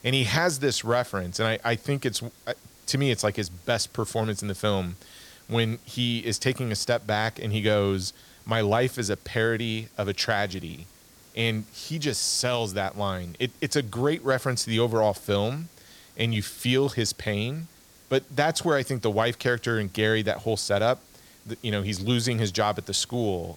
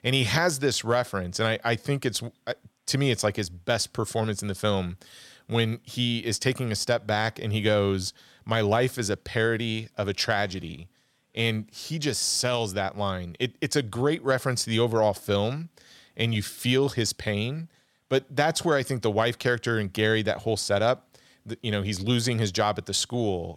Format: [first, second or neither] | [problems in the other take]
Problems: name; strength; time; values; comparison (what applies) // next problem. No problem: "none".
second | hiss; faint; throughout; 25 dB below the speech